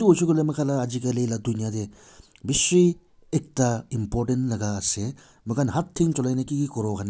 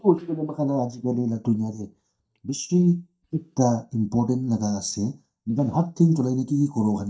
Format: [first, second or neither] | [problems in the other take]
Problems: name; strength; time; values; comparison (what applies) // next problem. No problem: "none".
first | noise reduction (neural mask model DeepFilterNet 3)